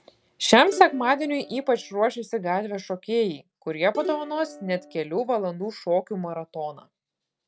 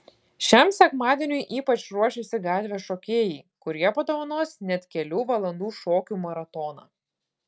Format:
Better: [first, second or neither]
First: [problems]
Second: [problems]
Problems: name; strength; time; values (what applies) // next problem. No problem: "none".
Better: second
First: background sound (Plucked string instrument); 14 dB below the speech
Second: none